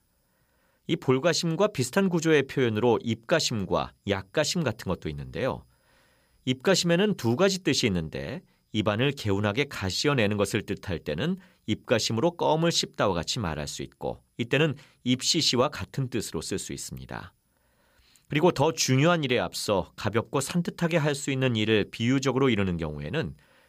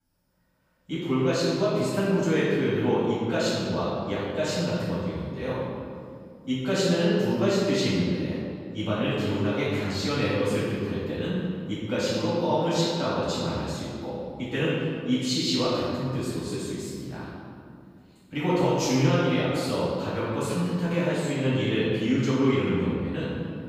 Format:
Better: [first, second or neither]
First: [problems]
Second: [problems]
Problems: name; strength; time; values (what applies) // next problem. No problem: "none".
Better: first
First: none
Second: off-mic speech; far // room echo; strong; dies away in 2.1 s